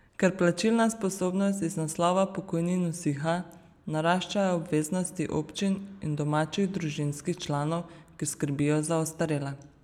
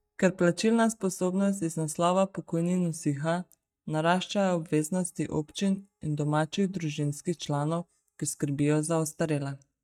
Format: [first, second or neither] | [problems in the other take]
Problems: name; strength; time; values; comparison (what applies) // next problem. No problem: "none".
first | noise reduction (neural mask model DeepFilterNet 3)